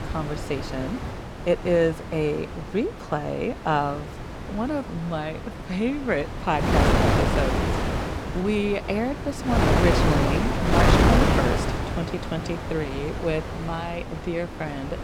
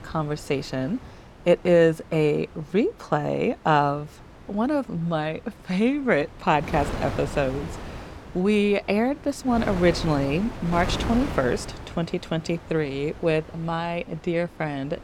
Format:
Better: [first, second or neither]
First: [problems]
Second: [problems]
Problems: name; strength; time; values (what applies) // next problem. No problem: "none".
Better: second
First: wind noise on the microphone; heavy; 1 dB above the speech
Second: wind noise on the microphone; occasional gusts; 15 dB below the speech